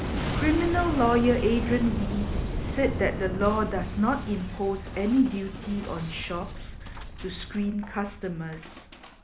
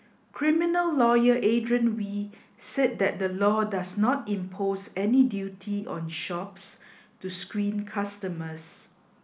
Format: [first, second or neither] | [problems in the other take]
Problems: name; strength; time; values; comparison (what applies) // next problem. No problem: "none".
second | background sound (Boom); 5 dB below the speech